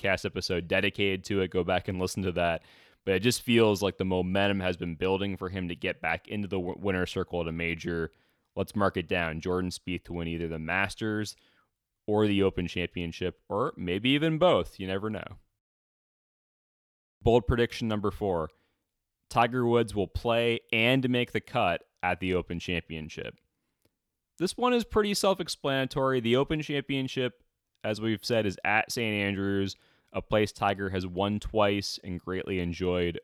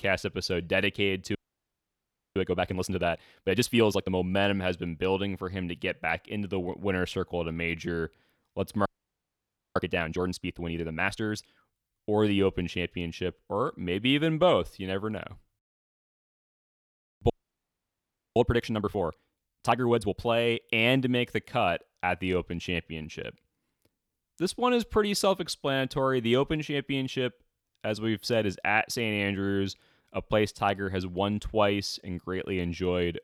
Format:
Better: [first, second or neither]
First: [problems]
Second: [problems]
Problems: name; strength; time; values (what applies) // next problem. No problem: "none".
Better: first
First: none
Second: audio freezing; at 1.5 s for 1 s, at 9 s for 1 s and at 17 s for 1 s